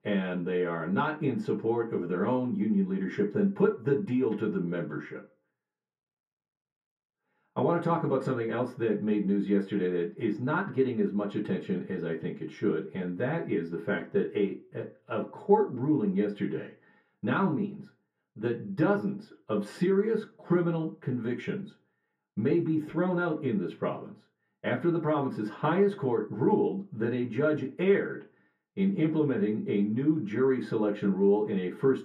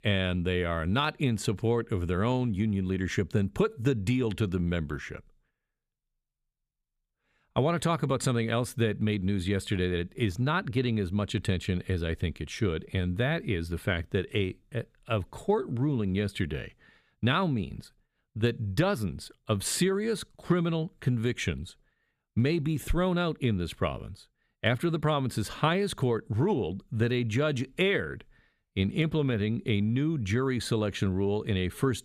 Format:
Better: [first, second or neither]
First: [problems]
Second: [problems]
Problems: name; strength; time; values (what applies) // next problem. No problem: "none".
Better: second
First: room echo; slight; dies away in 0.3 s // off-mic speech; far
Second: none